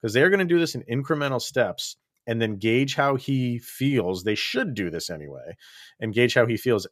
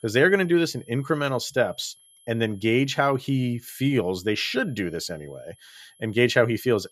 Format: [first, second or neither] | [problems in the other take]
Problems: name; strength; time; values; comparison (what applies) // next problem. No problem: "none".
first | high-pitched whine; faint; throughout; 11 kHz, 30 dB below the speech